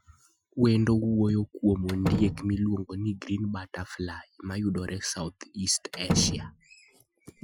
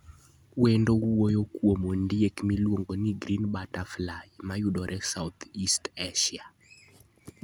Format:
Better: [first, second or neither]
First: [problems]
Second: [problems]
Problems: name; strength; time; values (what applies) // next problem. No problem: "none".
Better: second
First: noise reduction (classical method Wiener filter)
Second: none